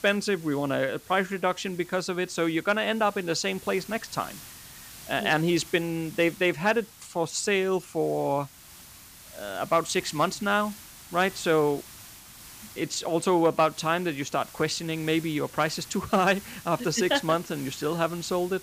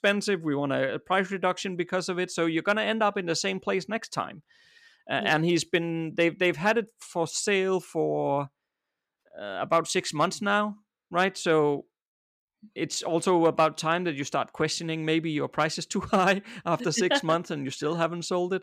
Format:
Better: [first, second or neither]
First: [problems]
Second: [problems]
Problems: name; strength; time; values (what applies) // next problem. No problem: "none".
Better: second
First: hiss; noticeable; throughout; 20 dB below the speech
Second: none